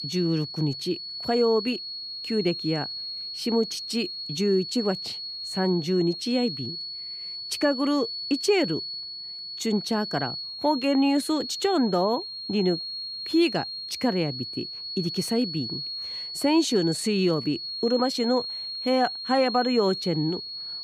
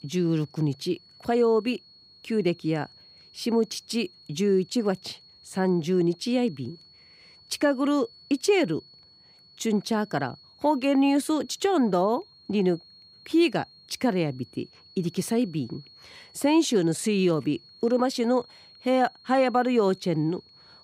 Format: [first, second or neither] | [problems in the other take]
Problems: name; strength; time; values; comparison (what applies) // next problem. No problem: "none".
second | high-pitched whine; loud; throughout; 4.5 kHz, 6 dB below the speech; faint in the second